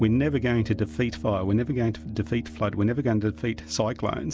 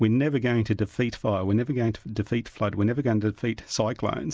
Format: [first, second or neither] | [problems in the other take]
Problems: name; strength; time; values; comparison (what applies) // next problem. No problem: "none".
second | background sound (Brass instrument); 15 dB below the speech